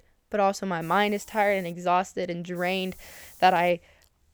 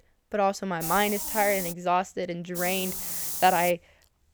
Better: first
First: hiss; faint; at 1 s and from 2.5 to 3.5 s; 20 dB below the speech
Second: hiss; loud; at 1 s and from 2.5 to 3.5 s; 2 dB below the speech

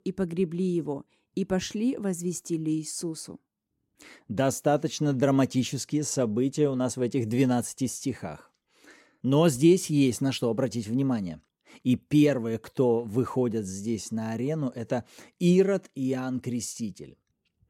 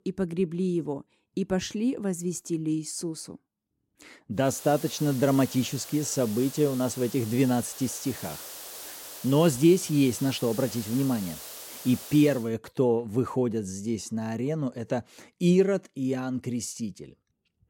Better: first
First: none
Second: hiss; noticeable; from 4.5 to 12 s; 15 dB below the speech

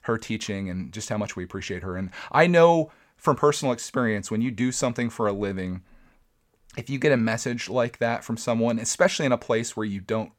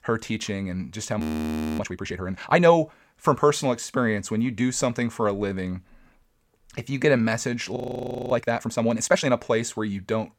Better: first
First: none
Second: audio freezing; at 1 s for 0.5 s and at 8 s for 0.5 s

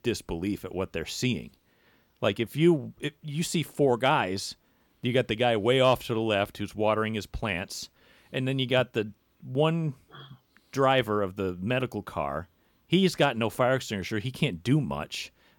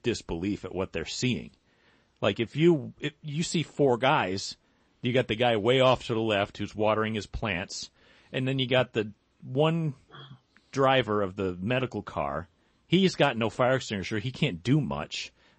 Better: first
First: none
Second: garbled, watery; slightly; nothing above 8 kHz

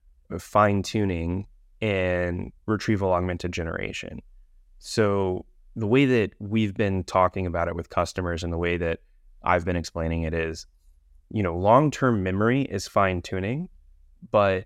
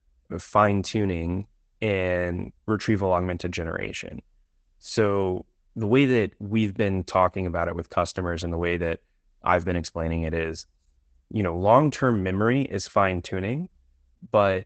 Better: first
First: none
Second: garbled, watery; badly; nothing above 8 kHz

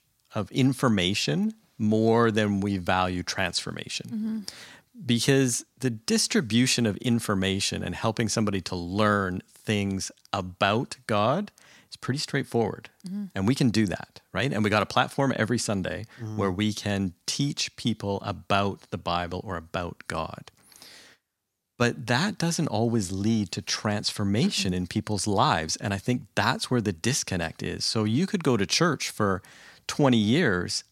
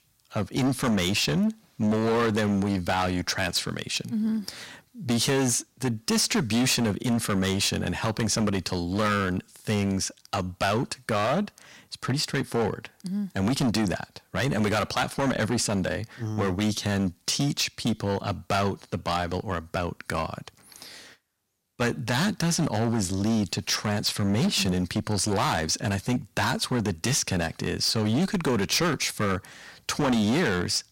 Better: first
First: none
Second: distortion; heavy; 13% of the sound clipped

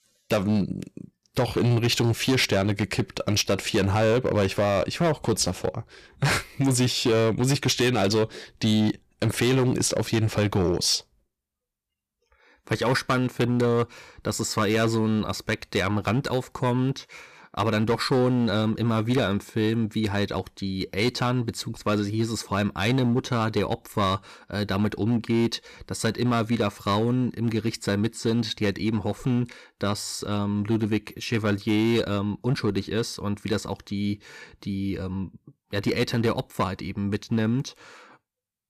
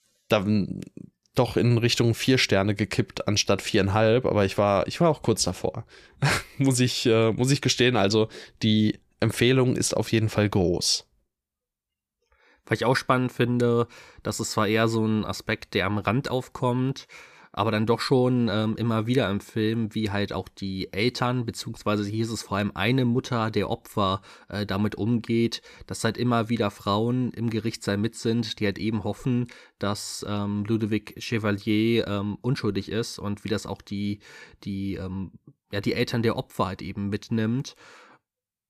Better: second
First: distortion; slight; 7% of the sound clipped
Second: none

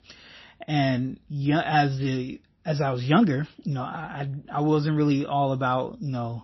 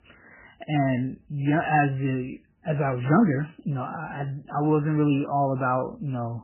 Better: first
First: garbled, watery; slightly; nothing above 5.5 kHz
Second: garbled, watery; badly; nothing above 3 kHz

